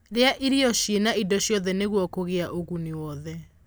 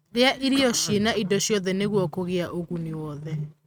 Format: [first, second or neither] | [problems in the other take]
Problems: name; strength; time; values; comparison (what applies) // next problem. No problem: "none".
first | noise reduction (neural mask model RNNoise)